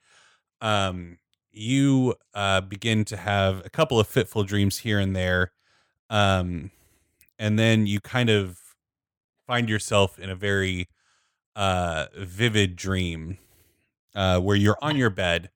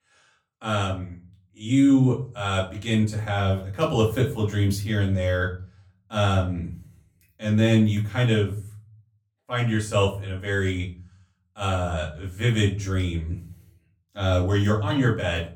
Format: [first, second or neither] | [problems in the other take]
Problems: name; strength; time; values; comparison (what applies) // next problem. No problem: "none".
first | off-mic speech; far // room echo; slight; dies away in 0.4 s